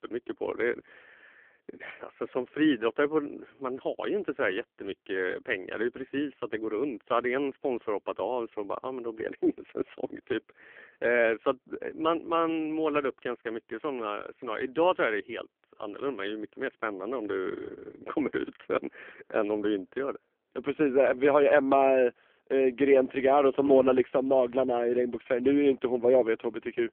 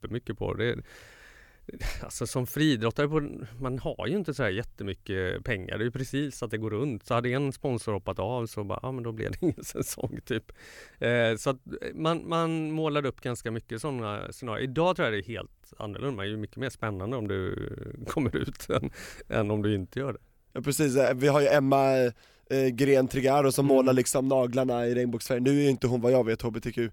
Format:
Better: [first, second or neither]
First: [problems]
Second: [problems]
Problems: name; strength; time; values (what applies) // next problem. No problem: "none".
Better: second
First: phone-call audio; poor line; nothing above 3.5 kHz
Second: none